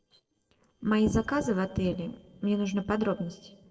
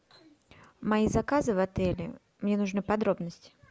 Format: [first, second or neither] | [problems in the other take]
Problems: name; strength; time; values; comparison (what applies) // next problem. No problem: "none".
second | noise reduction (neural separator model SepFormer DNS4)